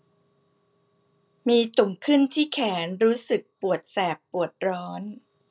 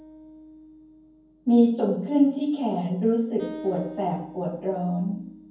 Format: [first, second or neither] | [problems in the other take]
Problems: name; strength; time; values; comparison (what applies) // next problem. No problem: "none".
first | background sound (Acoustic guitar); 18 dB below the speech // room echo; dies away in 0.9 s